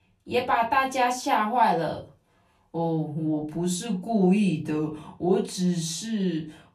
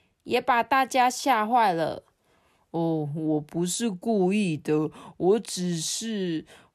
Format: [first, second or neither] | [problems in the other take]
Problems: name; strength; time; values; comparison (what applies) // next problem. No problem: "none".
second | off-mic speech; far // room echo; very slight; dies away in 0.3 s